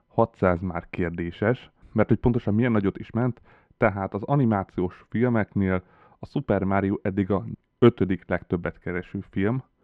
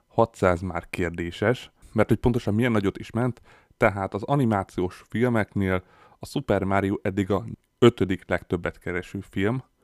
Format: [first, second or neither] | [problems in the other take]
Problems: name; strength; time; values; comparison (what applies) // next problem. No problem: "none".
second | muffled; slightly; fading above 2.5 kHz